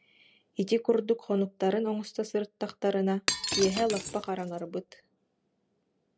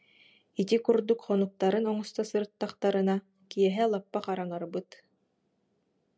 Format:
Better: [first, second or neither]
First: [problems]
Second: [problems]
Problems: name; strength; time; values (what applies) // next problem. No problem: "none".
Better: second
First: background sound (Shatter); 4 dB below the speech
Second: none